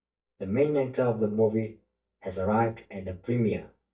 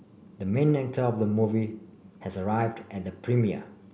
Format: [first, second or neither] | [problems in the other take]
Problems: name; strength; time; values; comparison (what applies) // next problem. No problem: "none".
second | noise reduction (neural mask model DeepFilterNet 3)